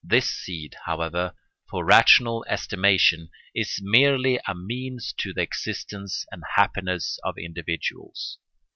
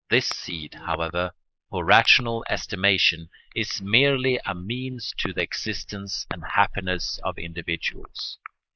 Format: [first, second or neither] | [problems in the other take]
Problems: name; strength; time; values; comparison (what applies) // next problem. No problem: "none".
first | noise reduction (neural mask model Resemble Enhance denoiser)